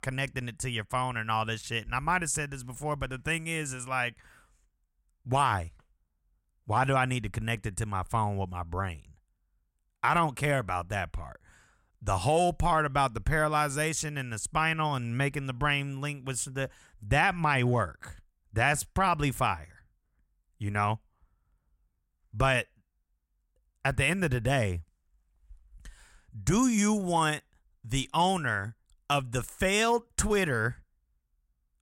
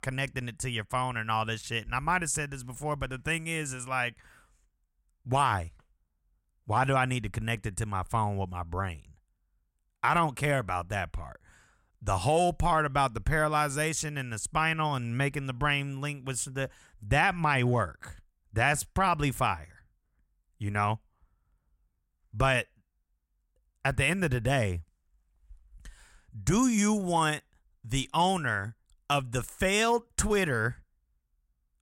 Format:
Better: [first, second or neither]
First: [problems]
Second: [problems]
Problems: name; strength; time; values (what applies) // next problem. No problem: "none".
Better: neither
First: none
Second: none